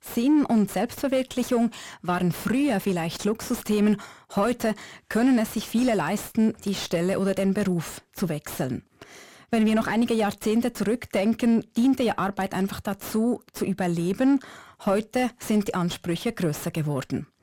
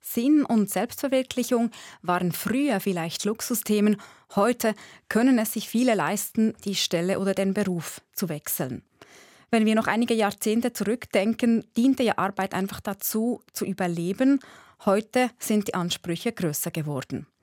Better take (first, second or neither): second